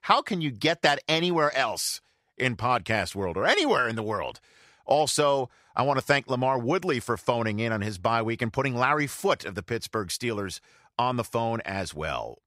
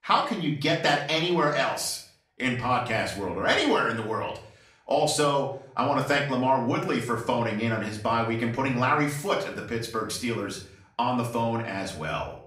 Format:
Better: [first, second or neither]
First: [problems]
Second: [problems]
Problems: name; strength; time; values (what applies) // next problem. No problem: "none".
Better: first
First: none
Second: room echo; slight; dies away in 0.5 s // off-mic speech; far